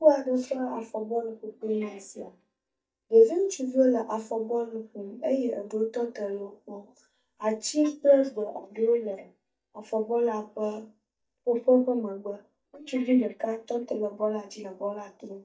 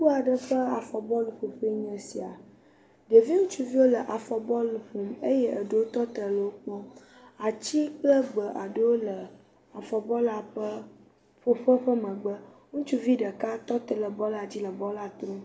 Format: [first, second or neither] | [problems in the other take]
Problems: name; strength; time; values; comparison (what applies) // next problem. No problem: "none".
second | noise reduction (neural mask model DeepFilterNet 3)